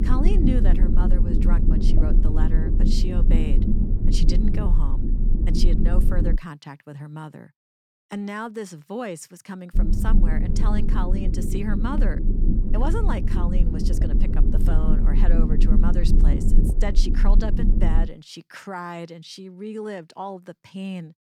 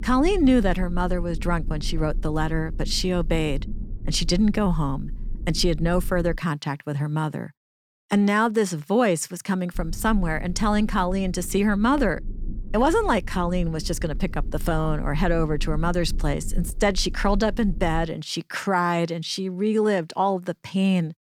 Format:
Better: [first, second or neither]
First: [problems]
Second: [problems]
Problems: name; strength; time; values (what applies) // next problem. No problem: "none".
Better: second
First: low rumble; loud; until 6.5 s and from 10 to 18 s; 1 dB below the speech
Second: low rumble; faint; until 6.5 s and from 10 to 18 s; 20 dB below the speech